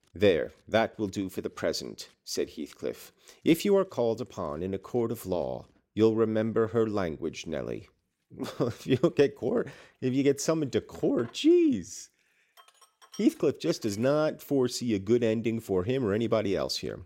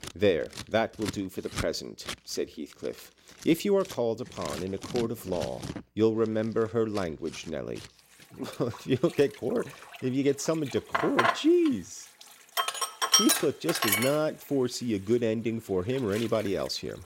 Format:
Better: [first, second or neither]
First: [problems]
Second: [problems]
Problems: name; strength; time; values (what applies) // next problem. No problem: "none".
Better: first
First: household noises; faint; throughout; 30 dB below the speech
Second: household noises; loud; throughout; 1 dB below the speech